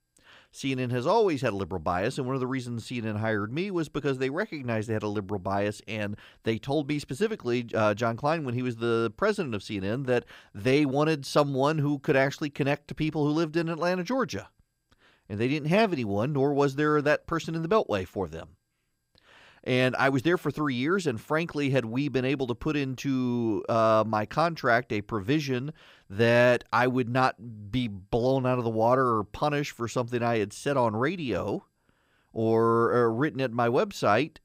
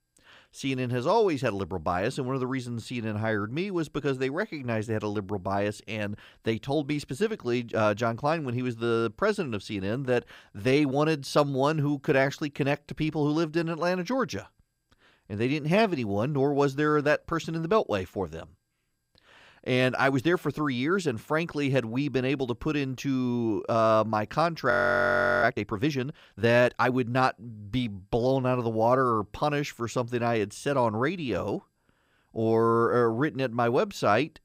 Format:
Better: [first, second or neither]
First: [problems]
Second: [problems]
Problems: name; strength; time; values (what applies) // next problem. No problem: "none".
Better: first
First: none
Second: audio freezing; at 25 s for 0.5 s